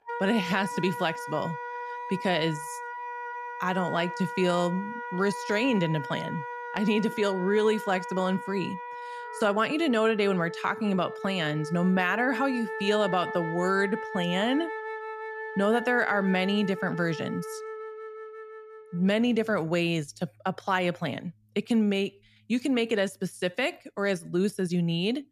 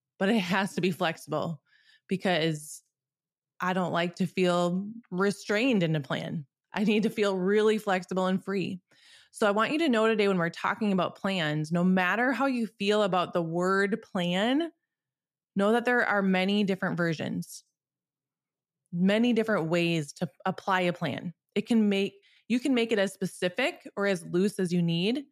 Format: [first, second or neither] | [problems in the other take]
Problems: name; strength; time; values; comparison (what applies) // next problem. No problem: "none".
second | background music; loud; throughout; 9 dB below the speech